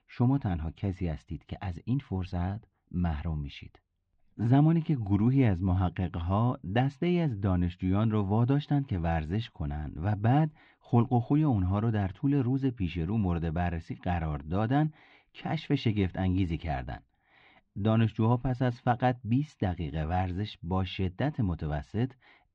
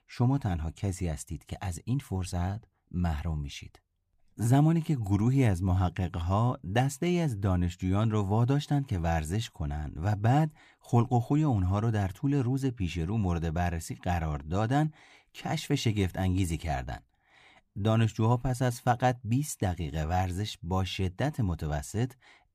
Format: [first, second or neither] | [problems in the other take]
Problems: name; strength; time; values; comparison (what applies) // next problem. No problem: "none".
second | muffled; slightly; fading above 4 kHz